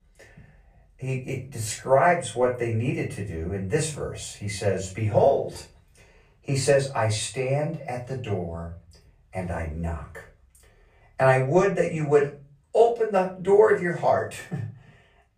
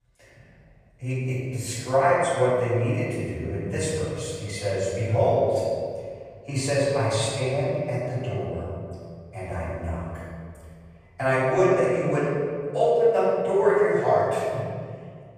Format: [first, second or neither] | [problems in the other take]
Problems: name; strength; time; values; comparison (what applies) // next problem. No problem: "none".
first | room echo; strong; dies away in 2 s; slight in the first // off-mic speech; far; far in the first